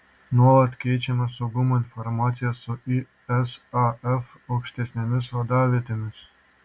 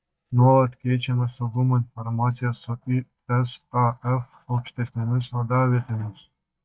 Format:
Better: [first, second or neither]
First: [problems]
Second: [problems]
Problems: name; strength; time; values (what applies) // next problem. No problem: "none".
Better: first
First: none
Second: noise reduction (neural mask model DeepFilterNet 3)